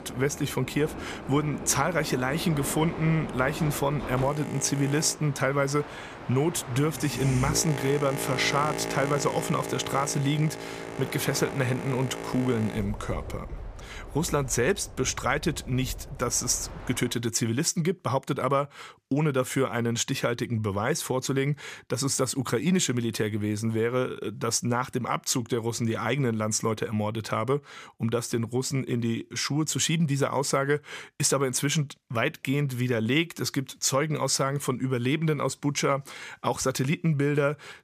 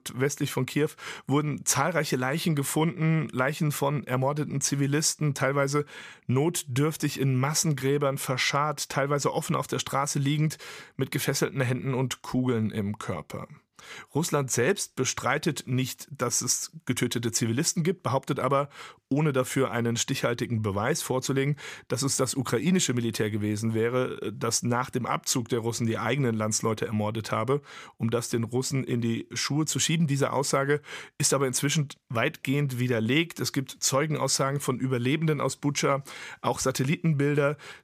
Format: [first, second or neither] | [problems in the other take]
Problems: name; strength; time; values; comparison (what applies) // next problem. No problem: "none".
second | train or aircraft noise; loud; until 17 s; 10 dB below the speech